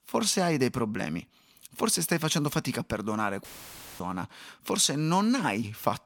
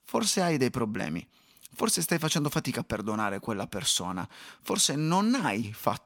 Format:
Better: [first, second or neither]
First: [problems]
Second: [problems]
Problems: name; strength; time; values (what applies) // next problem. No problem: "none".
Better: second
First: audio cutting out; filled with static; at 3.5 s for 0.5 s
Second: none